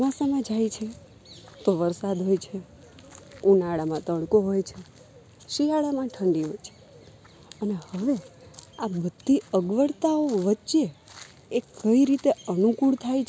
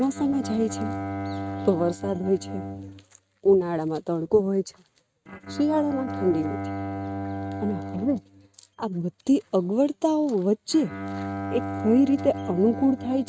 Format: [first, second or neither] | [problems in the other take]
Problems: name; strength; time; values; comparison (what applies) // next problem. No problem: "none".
first | noise reduction (neural mask model RNNoise)